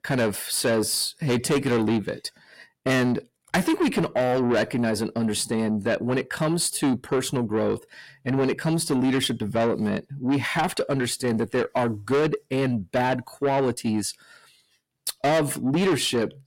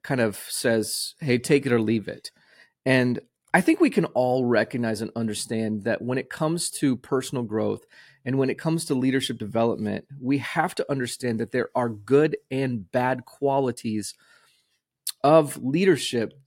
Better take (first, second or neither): second